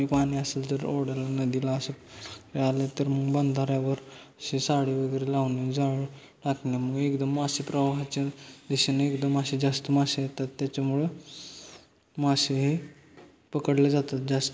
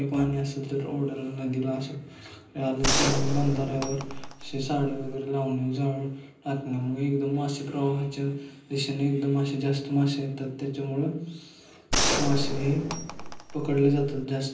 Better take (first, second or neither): first